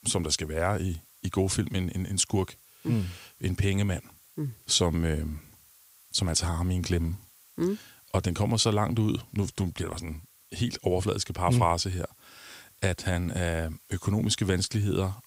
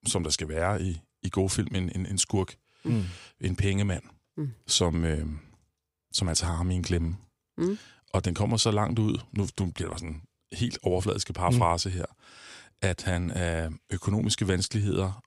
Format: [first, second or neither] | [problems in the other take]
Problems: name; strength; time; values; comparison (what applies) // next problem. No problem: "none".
second | hiss; faint; throughout; 25 dB below the speech